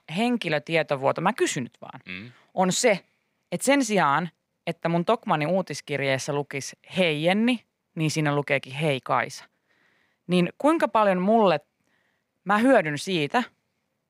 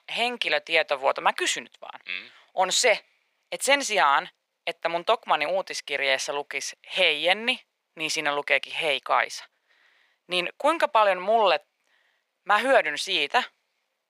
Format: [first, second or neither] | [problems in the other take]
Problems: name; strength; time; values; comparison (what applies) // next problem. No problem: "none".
first | thin; very; fading below 650 Hz